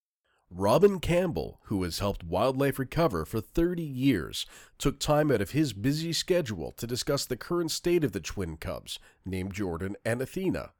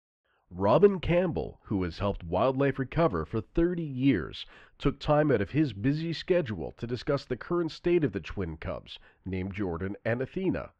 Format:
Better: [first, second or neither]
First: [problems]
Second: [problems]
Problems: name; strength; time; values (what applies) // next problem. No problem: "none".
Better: first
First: none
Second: muffled; slightly; fading above 3 kHz